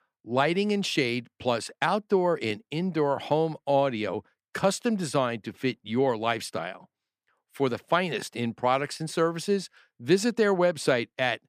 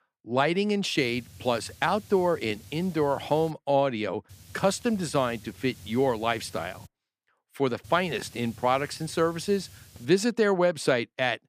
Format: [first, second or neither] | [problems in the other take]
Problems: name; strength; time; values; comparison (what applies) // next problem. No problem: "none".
first | hiss; faint; from 1 to 3.5 s, from 4.5 to 7 s and from 8 to 10 s; 20 dB below the speech